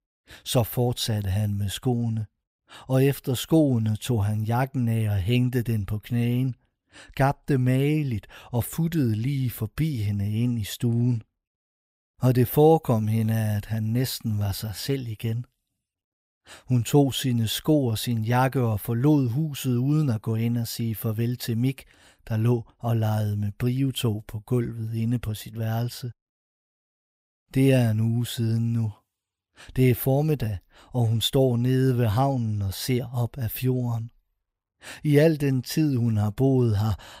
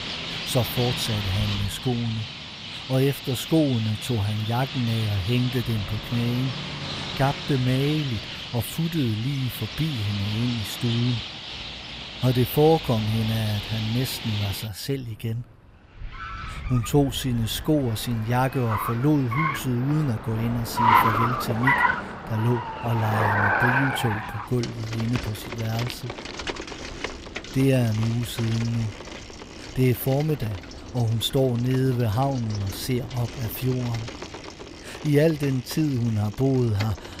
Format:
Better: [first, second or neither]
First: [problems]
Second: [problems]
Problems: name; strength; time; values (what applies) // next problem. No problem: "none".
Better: first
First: none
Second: traffic noise; loud; throughout; 5 dB below the speech